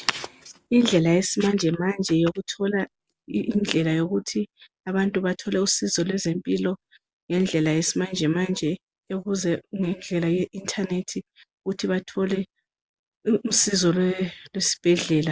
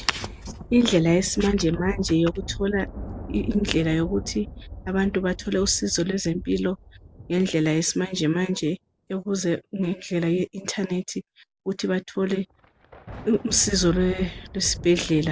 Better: first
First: none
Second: background sound (Thunder); 13 dB below the speech

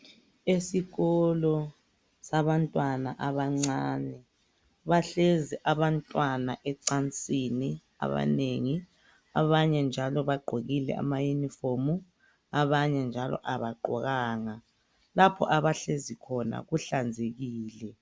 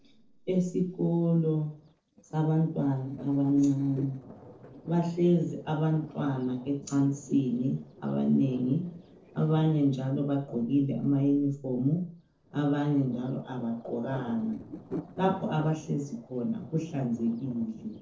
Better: first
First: none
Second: noise reduction (neural separator model SepFormer DNS4)

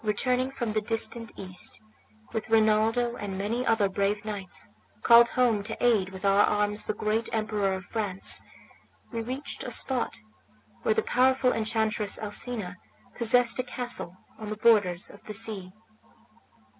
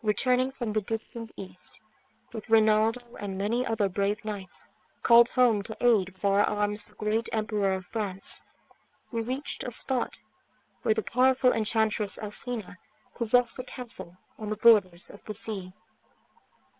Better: first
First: none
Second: noise reduction (neural separator model SepFormer WHAM!)

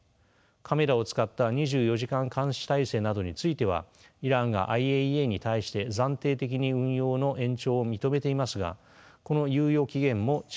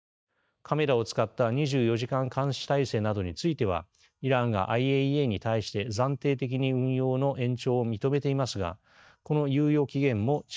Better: first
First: none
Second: noise reduction (neural mask model DeepFilterNet 3)

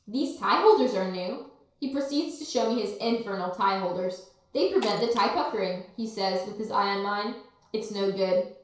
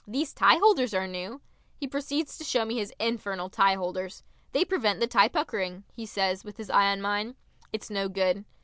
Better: second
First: noise reduction (neural separator model SepFormer DNS4)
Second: none

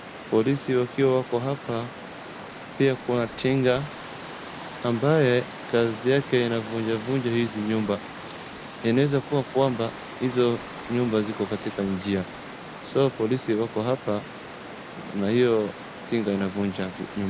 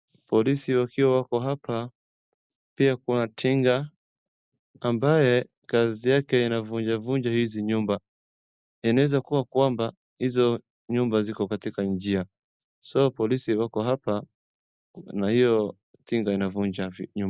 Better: second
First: background sound (Tambourine + Water); 13 dB below the speech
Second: none

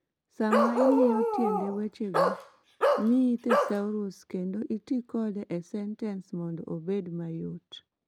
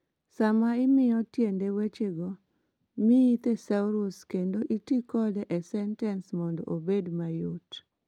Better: second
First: background sound (Bark); 3 dB above the speech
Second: none

